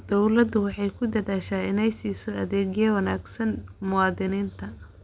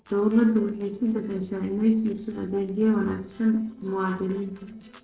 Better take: first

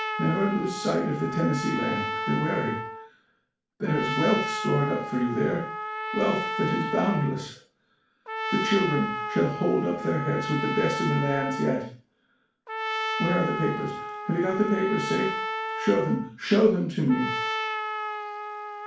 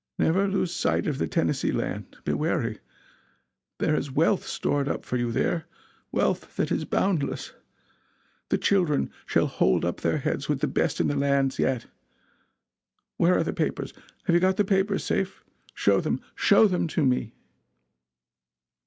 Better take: second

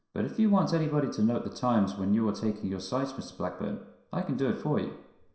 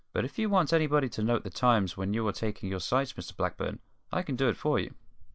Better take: second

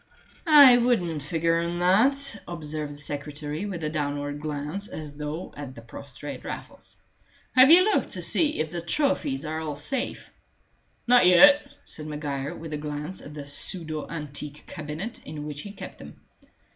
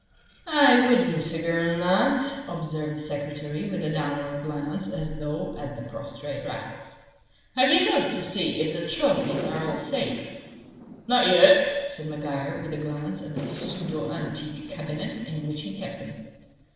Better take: first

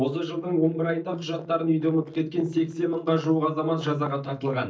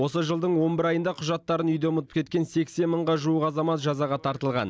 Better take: second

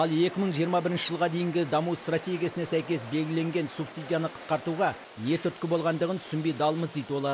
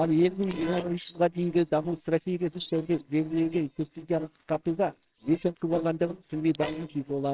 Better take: first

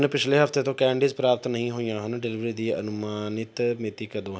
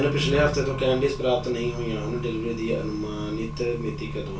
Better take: first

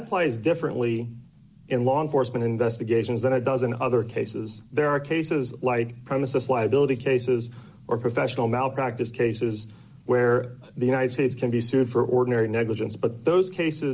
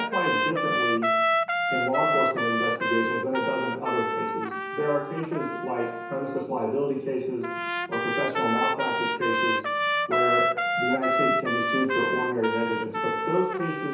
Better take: first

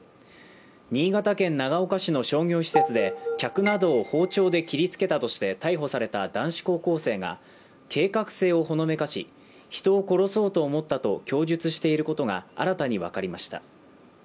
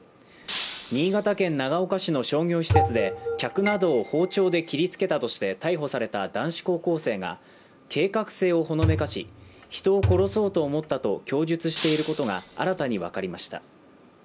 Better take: first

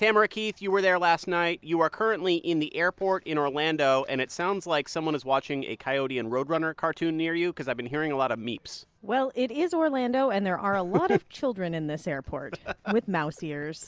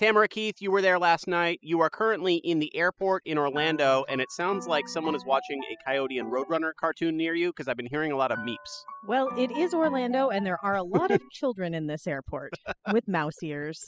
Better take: first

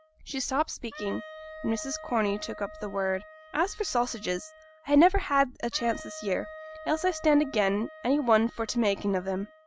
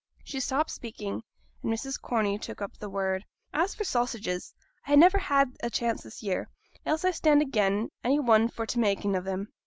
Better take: second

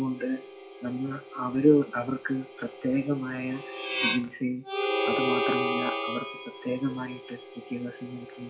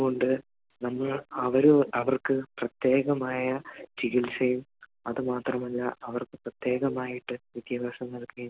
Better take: second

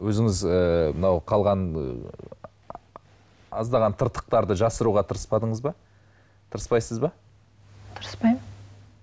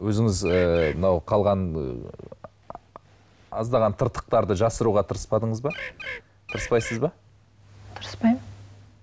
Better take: first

